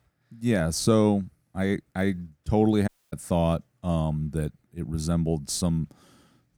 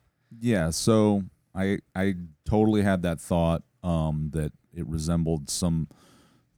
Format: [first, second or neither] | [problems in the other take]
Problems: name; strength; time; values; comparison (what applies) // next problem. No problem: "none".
second | audio cutting out; at 3 s